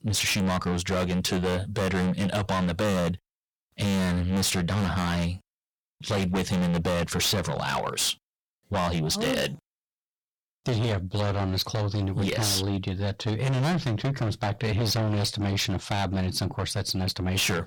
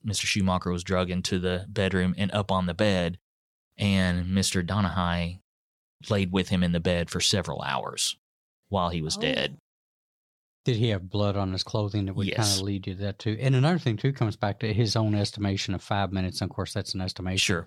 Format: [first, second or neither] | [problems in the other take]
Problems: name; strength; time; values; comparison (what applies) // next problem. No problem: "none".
second | distortion; heavy; 5 dB below the speech